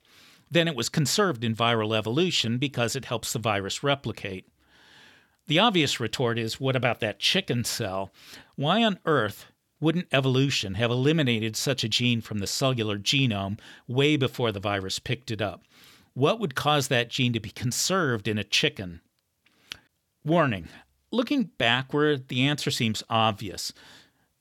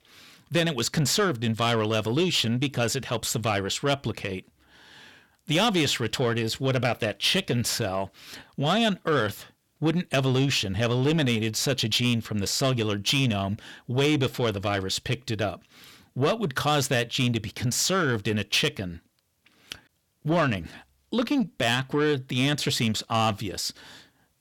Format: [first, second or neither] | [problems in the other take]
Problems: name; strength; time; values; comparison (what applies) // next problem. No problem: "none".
first | distortion; slight; 10 dB below the speech